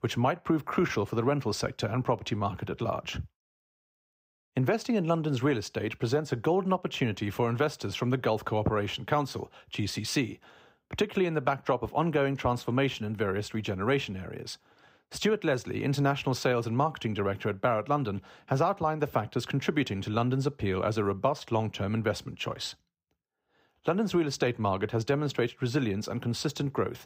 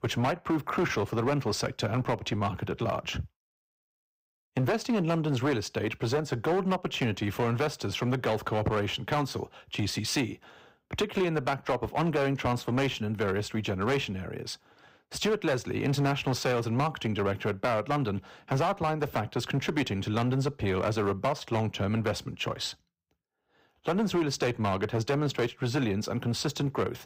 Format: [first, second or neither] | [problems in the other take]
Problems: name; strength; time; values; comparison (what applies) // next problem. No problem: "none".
first | distortion; slight; 9% of the sound clipped